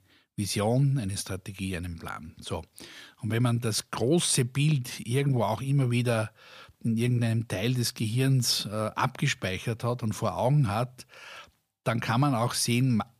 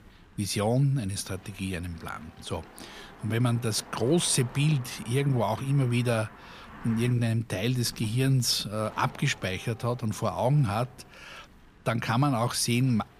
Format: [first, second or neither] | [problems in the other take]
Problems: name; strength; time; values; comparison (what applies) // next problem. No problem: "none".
first | wind noise on the microphone; occasional gusts; 20 dB below the speech